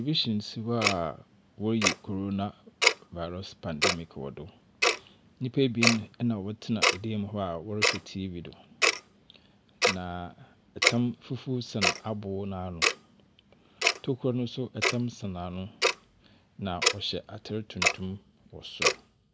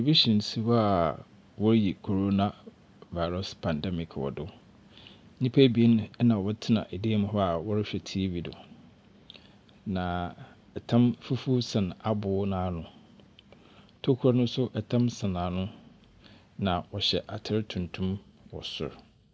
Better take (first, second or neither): second